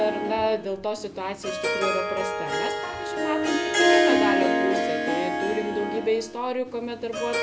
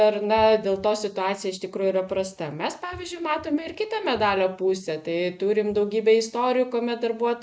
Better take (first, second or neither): second